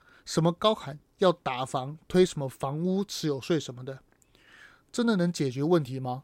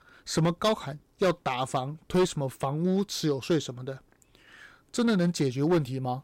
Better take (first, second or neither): first